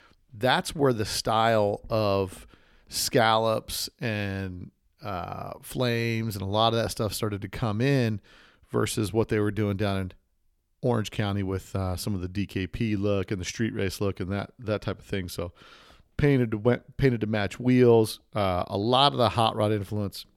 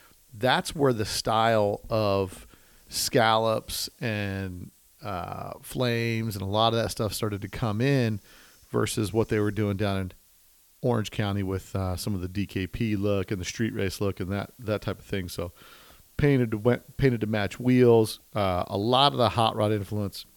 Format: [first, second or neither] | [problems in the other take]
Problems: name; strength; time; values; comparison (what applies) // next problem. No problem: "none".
first | hiss; faint; throughout; 30 dB below the speech